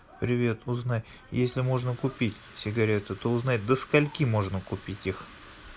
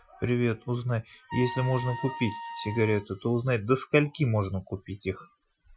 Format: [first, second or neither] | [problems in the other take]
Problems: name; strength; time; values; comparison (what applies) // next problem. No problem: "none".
first | noise reduction (classical method Wiener filter)